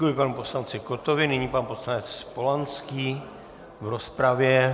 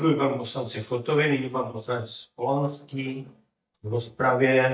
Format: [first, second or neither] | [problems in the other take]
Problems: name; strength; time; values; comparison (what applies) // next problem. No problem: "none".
first | noise reduction (neural mask model DeepFilterNet 3)